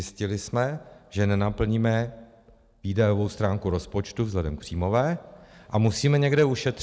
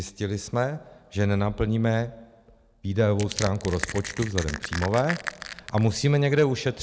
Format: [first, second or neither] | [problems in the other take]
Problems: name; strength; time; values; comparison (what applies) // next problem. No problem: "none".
first | background sound (Crushing); 10 dB below the speech